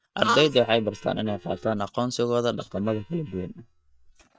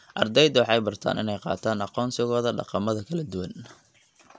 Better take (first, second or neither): second